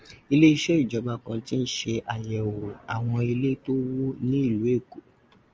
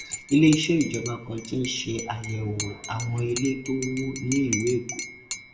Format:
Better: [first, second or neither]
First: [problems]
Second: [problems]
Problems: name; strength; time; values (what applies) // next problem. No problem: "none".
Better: first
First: none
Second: background sound (Cutlery, silverware / Dishes, pots, and pans / Chink, clink); 11 dB below the speech // room echo; dies away in 0.5 s